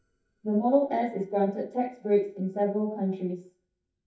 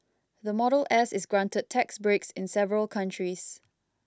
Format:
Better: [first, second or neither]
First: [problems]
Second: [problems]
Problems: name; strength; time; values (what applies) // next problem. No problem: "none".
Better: second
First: noise reduction (neural mask model DeepFilterNet 3)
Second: none